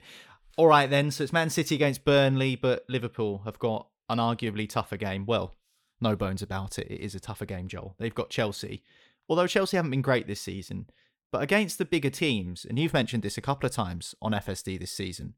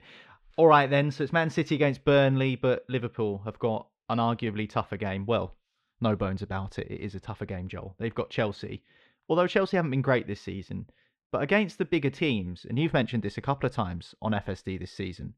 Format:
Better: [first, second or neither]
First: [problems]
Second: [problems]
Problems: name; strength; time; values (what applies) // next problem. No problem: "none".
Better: first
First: none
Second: muffled; slightly; fading above 3 kHz